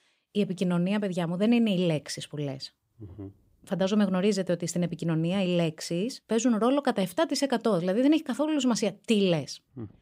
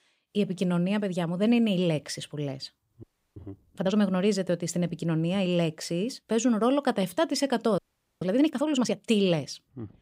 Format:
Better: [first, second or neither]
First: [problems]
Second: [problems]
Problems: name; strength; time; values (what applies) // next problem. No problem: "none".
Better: first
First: none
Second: audio freezing; at 3 s and at 8 s